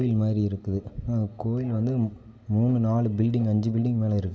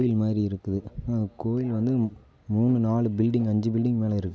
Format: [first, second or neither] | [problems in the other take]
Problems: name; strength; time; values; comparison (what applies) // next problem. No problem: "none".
second | room echo; dies away in 1.6 s